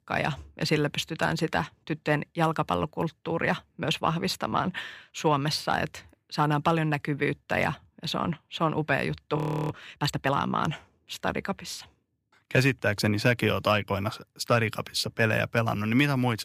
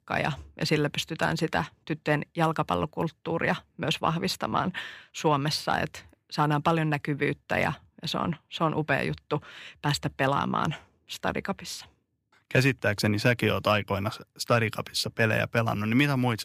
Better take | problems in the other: second | audio freezing; at 9.5 s

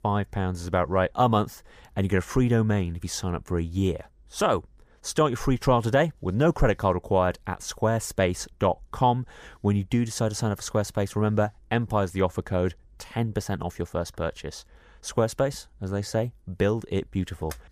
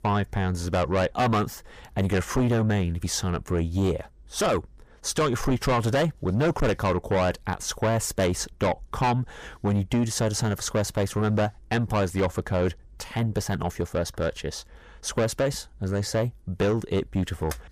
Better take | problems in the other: first | distortion; heavy; 7 dB below the speech

